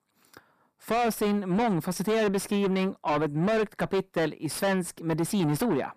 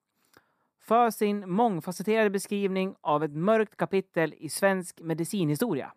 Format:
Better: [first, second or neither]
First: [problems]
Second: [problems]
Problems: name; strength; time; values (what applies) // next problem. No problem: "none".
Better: second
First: distortion; heavy; 6 dB below the speech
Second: none